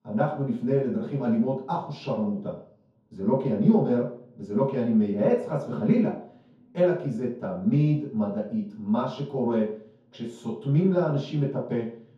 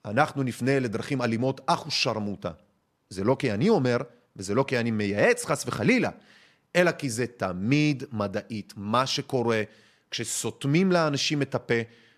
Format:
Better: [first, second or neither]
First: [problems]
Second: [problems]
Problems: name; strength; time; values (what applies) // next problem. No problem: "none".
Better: second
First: room echo; noticeable; dies away in 0.6 s // off-mic speech; far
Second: none